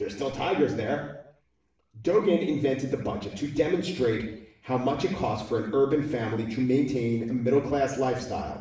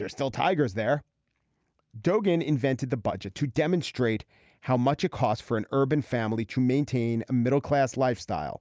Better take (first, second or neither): second